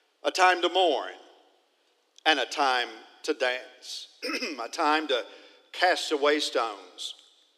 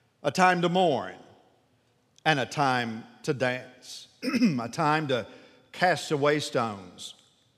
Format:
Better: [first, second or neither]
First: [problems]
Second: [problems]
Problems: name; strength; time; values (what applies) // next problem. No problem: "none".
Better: second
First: thin; somewhat; fading below 300 Hz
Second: none